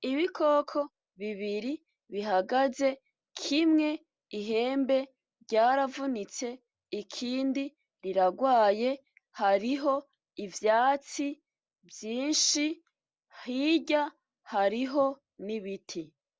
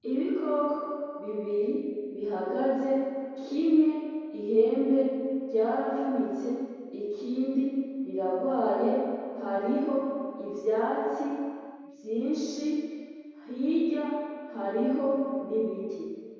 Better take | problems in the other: first | room echo; dies away in 2.2 s

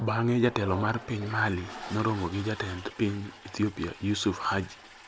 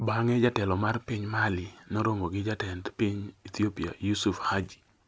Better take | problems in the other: second | background sound (Toilet flush); 15 dB below the speech

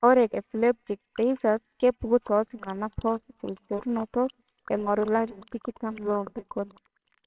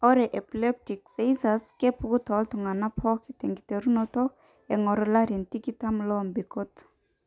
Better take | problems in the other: second | noise reduction (neural separator model SepFormer WHAMR!)

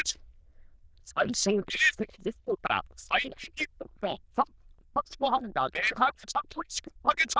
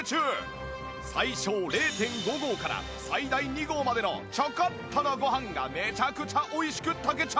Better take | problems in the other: second | noise reduction (neural diffusion model UNIVERSE++)

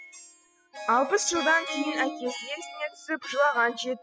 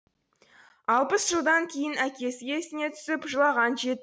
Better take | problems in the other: second | noise reduction (classical method spectral subtraction)

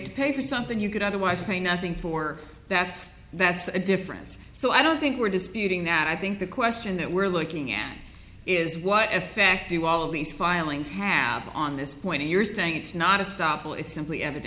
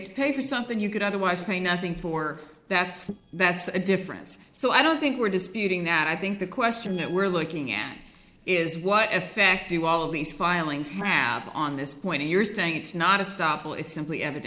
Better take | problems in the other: first | noise reduction (neural separator model SepFormer DNS4)

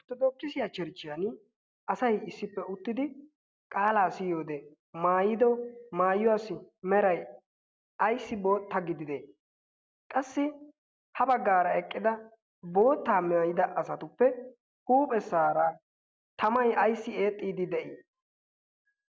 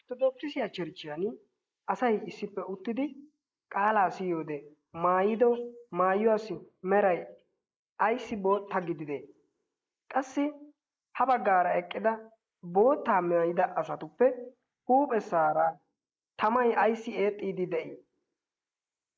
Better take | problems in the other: first | noise reduction (neural mask model Resemble Enhance denoiser)

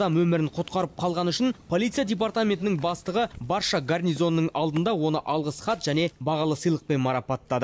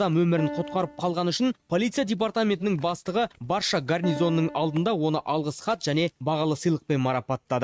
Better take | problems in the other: first | noise reduction (neural mask model RNNoise)

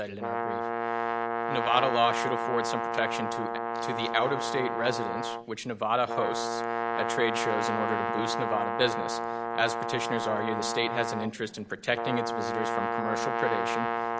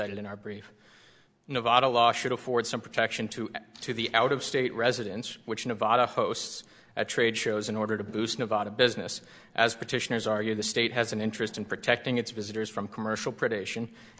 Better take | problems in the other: second | background sound (Brass instrument); 1 dB above the speech

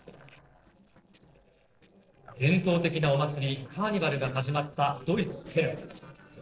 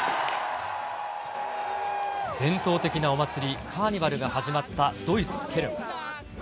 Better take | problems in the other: second | noise reduction (neural separator model SepFormer DNS4)

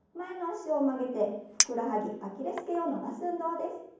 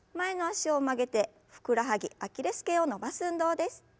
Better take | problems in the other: second | background sound (Chink, clink); 4 dB below the speech // room echo; dies away in 1.2 s

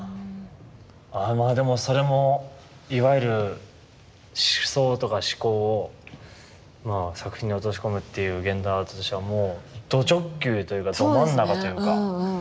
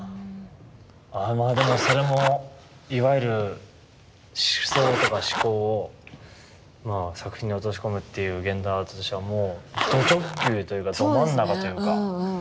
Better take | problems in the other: first | background sound (Zipper (clothing)); as loud as the speech

